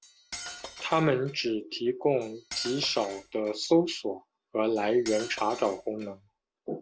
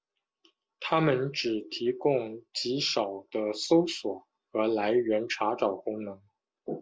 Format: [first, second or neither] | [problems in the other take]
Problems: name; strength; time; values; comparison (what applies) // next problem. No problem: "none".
second | background sound (Cutlery, silverware); 15 dB below the speech